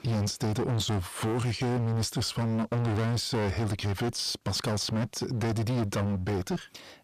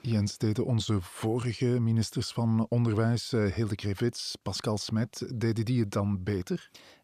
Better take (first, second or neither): second